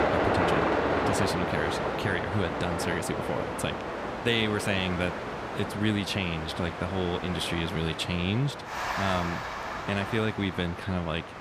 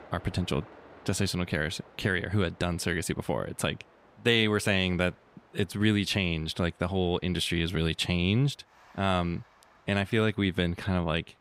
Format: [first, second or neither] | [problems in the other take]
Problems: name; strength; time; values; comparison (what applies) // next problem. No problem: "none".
second | train or aircraft noise; loud; throughout; 1 dB below the speech; faint in the second